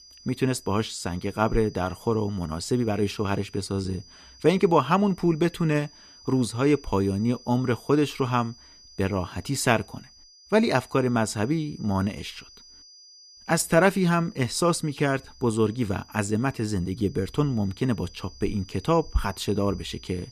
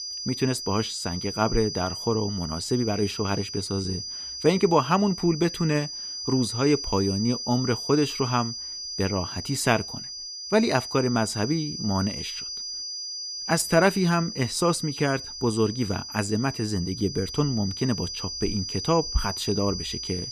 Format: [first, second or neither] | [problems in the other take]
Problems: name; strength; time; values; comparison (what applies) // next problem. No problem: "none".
first | high-pitched whine; loud; throughout; 5 kHz, 6 dB below the speech; faint in the first